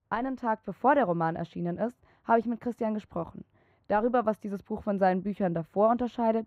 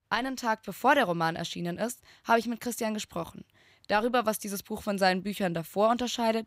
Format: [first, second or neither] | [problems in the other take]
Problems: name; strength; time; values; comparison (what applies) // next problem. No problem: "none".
second | muffled; very; fading above 2.5 kHz